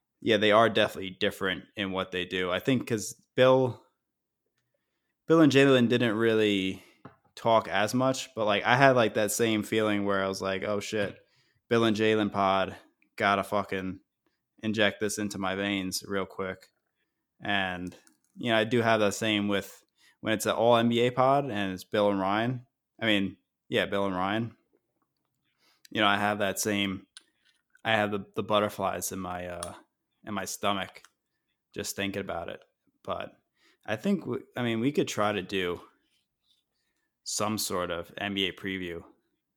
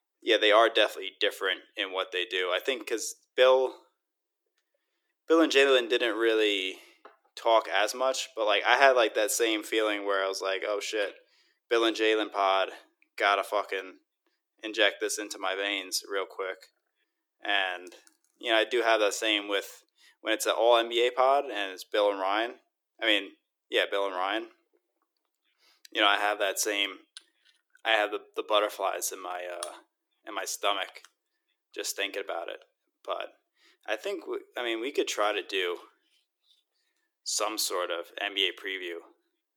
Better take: first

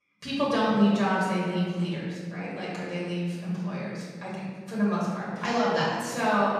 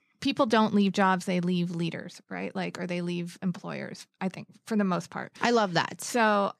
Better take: second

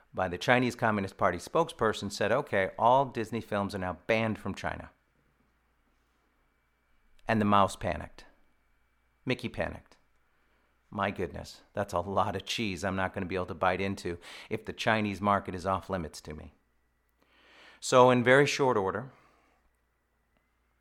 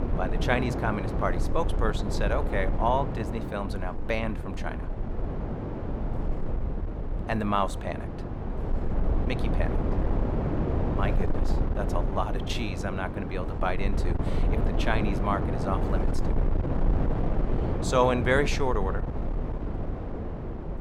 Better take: first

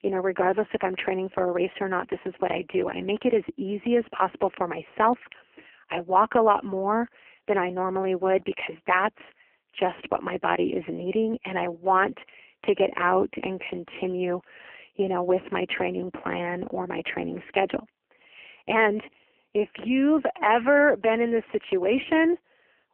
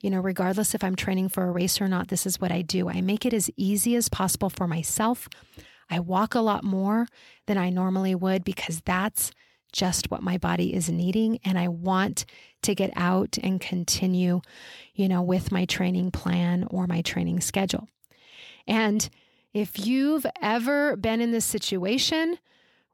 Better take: second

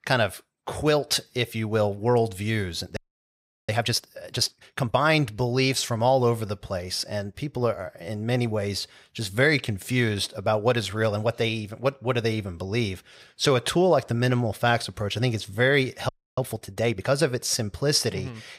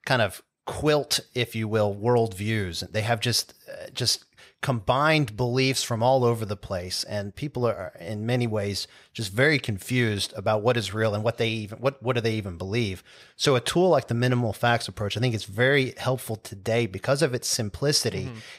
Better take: second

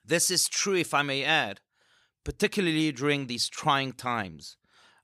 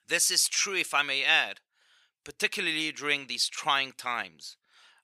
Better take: first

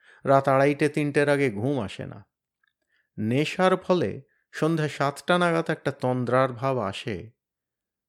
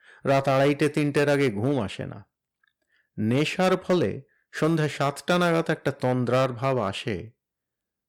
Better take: first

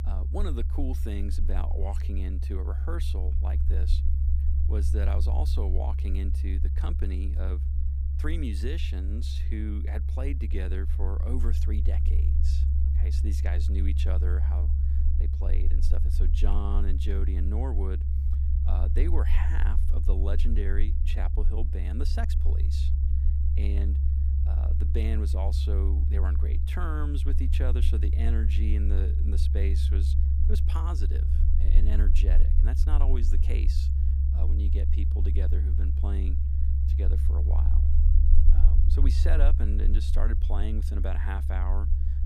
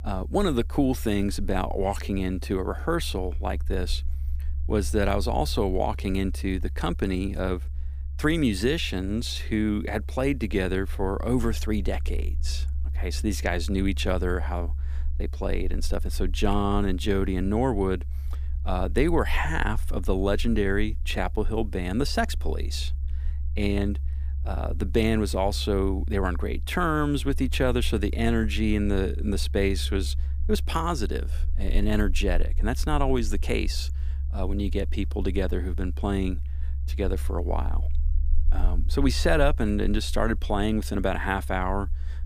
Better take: second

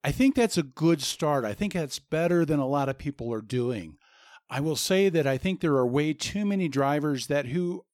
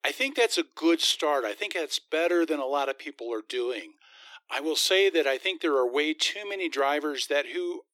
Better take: first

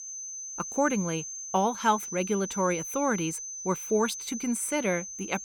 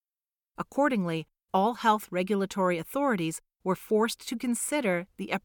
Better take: second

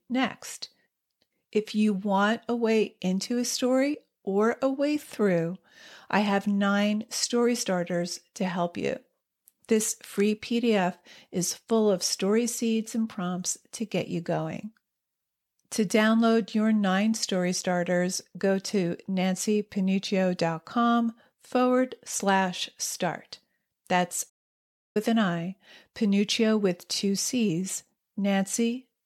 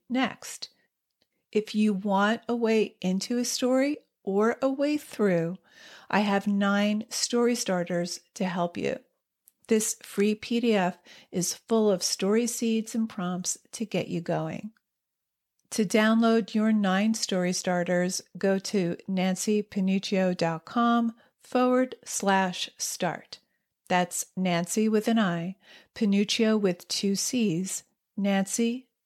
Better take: second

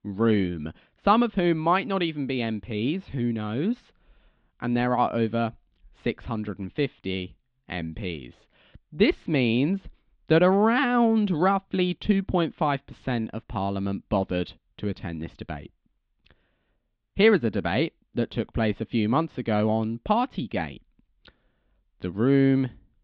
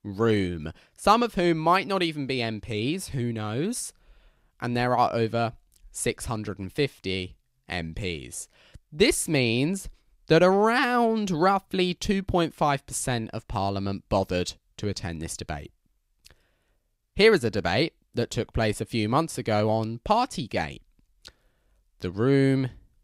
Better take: second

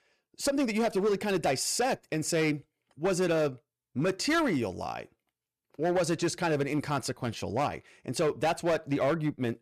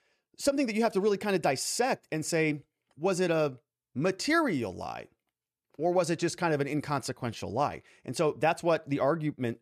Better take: second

